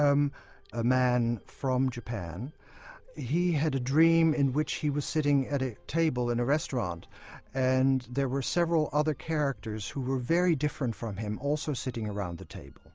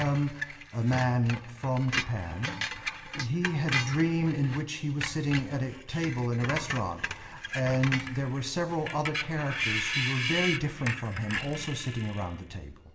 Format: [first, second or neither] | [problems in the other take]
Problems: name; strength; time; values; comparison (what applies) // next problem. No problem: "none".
first | background sound (Screech); 6 dB below the speech // room echo; dies away in 0.8 s